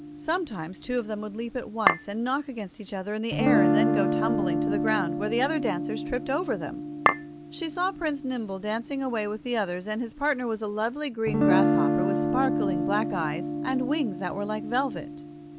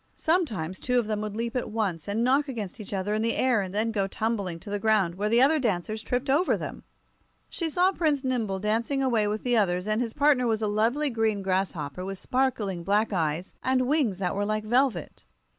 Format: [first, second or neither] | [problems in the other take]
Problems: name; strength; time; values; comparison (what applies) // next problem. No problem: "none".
second | background sound (Chink, clink + Guitar); 1 dB above the speech